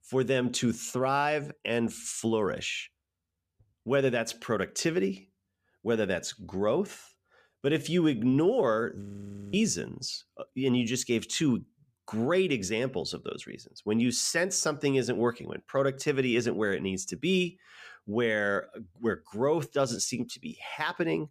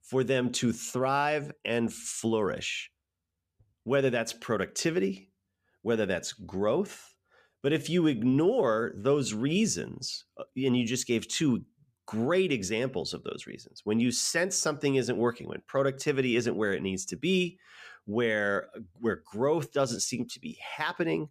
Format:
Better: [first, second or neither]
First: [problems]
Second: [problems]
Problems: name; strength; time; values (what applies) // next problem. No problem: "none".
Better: second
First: audio freezing; at 9 s for 0.5 s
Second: none